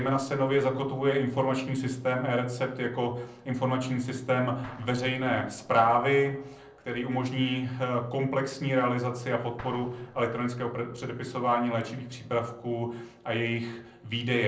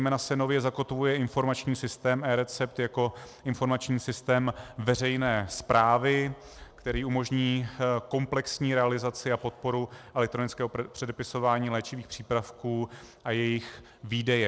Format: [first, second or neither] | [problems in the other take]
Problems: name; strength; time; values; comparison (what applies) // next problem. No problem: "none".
second | noise reduction (neural separator model SepFormer DNS4)